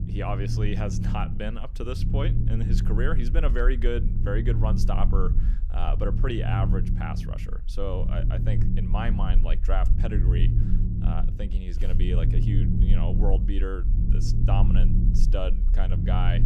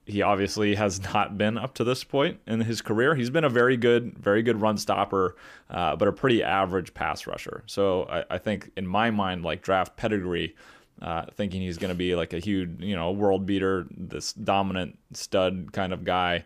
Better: second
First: low rumble; loud; throughout; 5 dB below the speech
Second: none

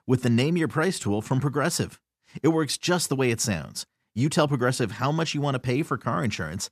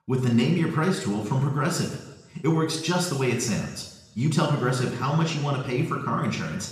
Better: first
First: none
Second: room echo; noticeable; dies away in 1 s // off-mic speech; somewhat distant

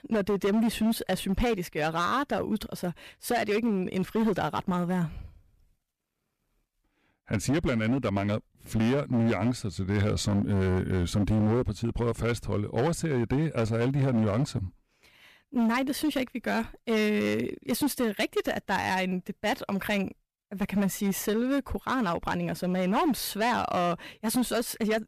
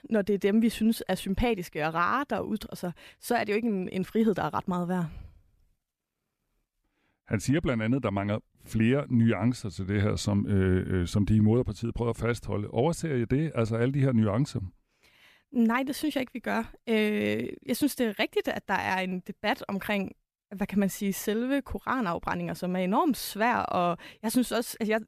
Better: second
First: distortion; slight; 12% of the sound clipped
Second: none

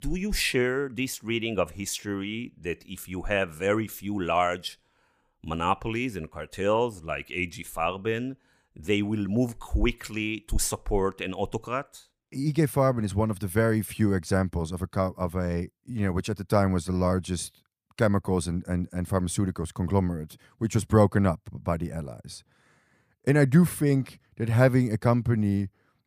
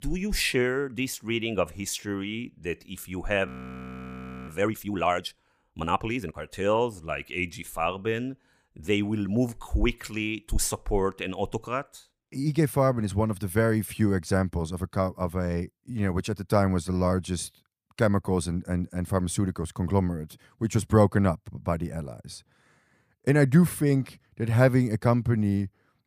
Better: first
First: none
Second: audio freezing; at 3.5 s for 1 s

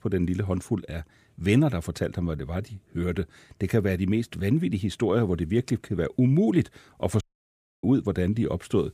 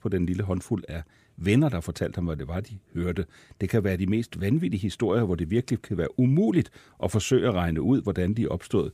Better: second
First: audio cutting out; at 7 s for 0.5 s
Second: none

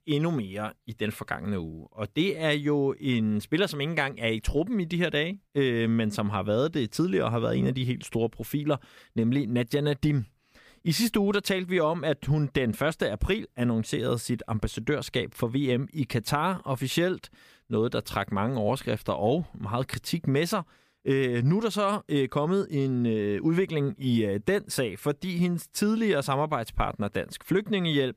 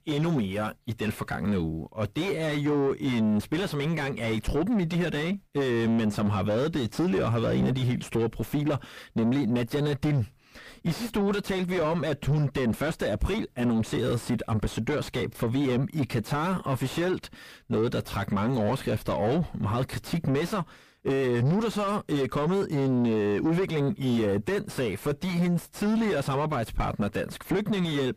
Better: first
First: none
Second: distortion; heavy; 5 dB below the speech

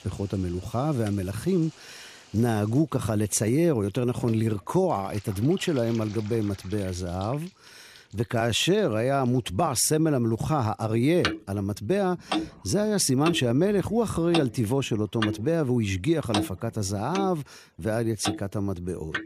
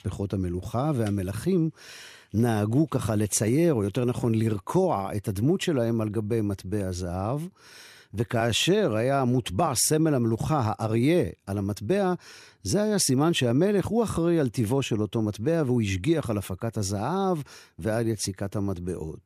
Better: second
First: household noises; loud; throughout; 9 dB below the speech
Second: none

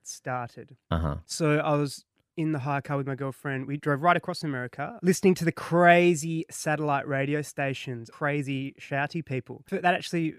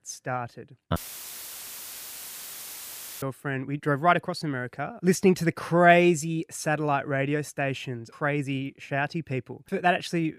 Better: first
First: none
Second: audio cutting out; filled with static; at 1 s for 2.5 s

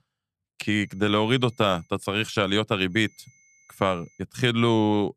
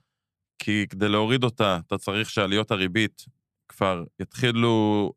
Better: second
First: high-pitched whine; faint; from 0.5 to 2 s and from 3 to 4 s; 6 kHz, 35 dB below the speech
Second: none

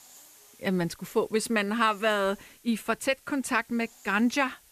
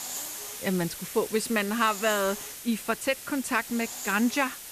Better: first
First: hiss; faint; throughout; 25 dB below the speech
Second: hiss; loud; throughout; 8 dB below the speech

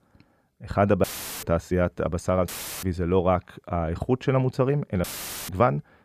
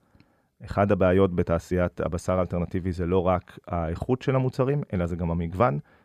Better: second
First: audio cutting out; filled with static; at 1 s, at 2.5 s and at 5 s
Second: none

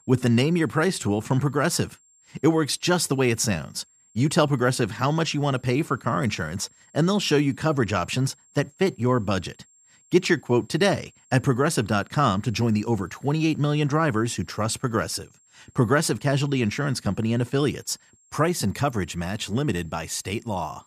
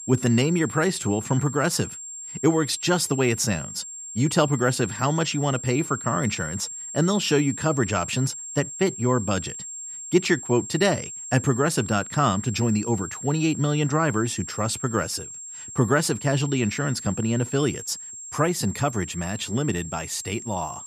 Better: first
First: high-pitched whine; faint; throughout; 7.5 kHz, 30 dB below the speech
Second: high-pitched whine; loud; throughout; 7.5 kHz, 10 dB below the speech

